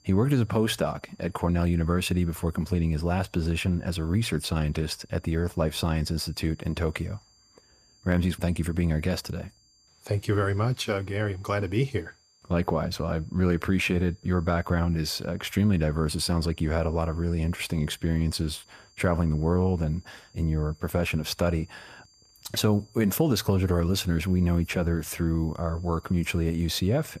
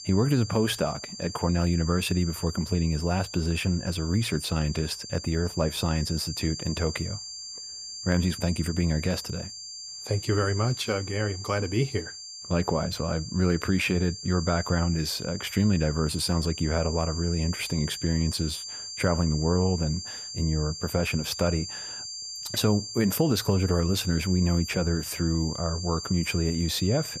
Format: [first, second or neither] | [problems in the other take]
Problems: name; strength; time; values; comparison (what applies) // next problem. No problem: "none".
first | high-pitched whine; loud; throughout; 4.5 kHz, 9 dB below the speech; faint in the first